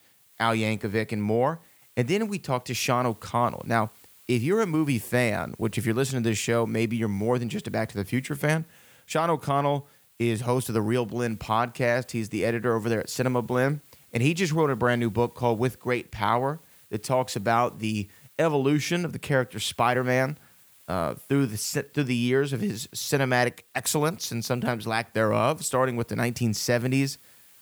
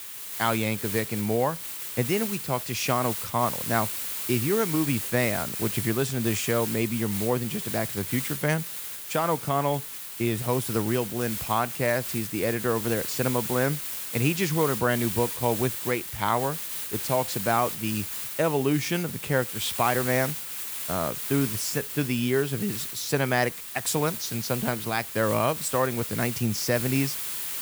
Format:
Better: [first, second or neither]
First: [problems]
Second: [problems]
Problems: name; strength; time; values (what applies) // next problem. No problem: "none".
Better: first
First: hiss; faint; throughout; 30 dB below the speech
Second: hiss; loud; throughout; 4 dB below the speech